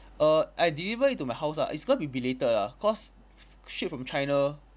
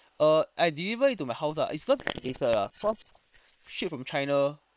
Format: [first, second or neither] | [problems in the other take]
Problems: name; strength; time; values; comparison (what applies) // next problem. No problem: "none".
first | noise reduction (neural separator model SepFormer WHAM!)